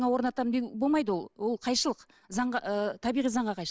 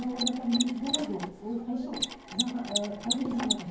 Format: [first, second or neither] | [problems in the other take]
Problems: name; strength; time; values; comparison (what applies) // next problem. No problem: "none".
first | background sound (Mechanisms); 3 dB below the speech // room echo; dies away in 0.9 s